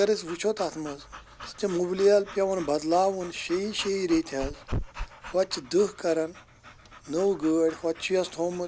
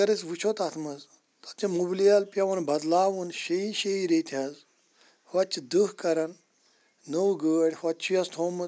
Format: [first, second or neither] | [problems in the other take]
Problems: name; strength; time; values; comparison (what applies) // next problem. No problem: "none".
second | background sound (Dog / Breathing); 14 dB below the speech